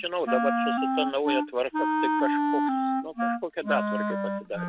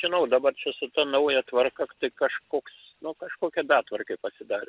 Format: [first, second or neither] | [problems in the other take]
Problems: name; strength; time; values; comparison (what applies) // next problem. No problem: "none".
second | background sound (Wind instrument, woodwind instrument); 4 dB above the speech